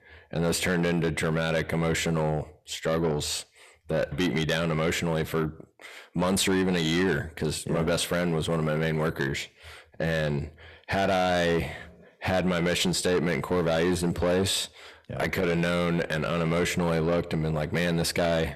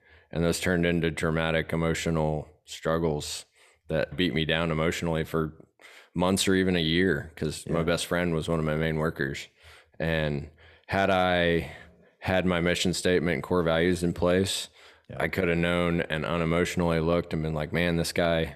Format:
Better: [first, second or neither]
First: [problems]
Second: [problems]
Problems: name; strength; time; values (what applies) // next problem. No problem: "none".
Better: second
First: distortion; heavy; 7 dB below the speech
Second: none